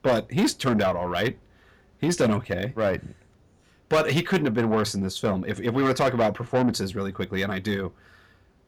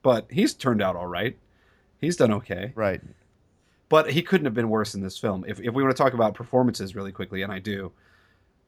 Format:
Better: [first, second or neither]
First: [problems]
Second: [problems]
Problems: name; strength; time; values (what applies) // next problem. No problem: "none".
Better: second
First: distortion; heavy; 8 dB below the speech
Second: none